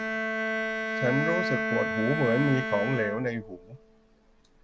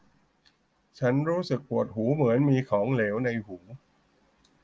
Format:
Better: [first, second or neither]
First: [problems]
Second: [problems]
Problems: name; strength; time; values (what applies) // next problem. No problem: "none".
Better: second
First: background sound (Bowed string instrument); 1 dB below the speech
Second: none